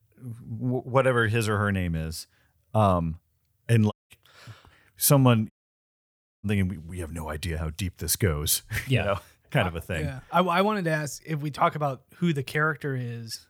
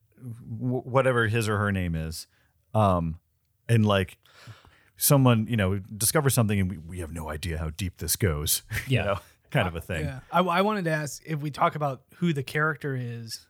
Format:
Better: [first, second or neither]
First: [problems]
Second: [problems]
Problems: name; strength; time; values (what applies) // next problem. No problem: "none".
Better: second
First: audio cutting out; at 4 s and at 5.5 s for 1 s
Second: none